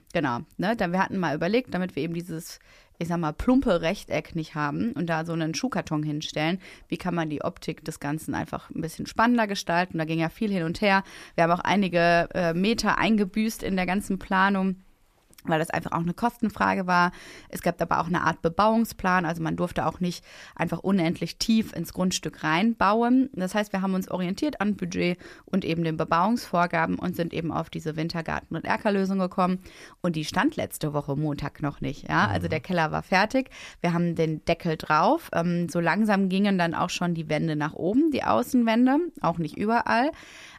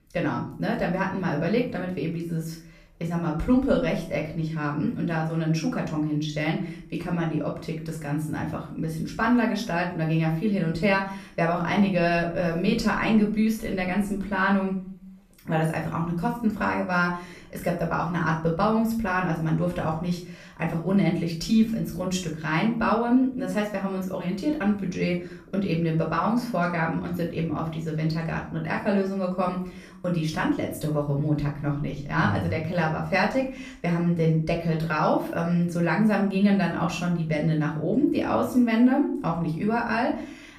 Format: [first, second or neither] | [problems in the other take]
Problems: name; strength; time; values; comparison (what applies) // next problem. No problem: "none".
first | off-mic speech; far // room echo; slight; dies away in 0.5 s